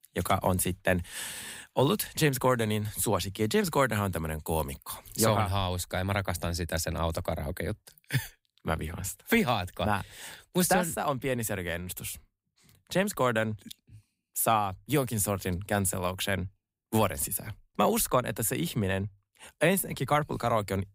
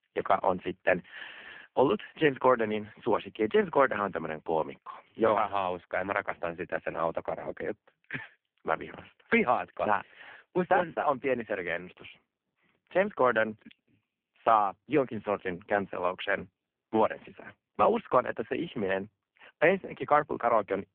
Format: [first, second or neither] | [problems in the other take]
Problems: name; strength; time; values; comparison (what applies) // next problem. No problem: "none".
first | phone-call audio; poor line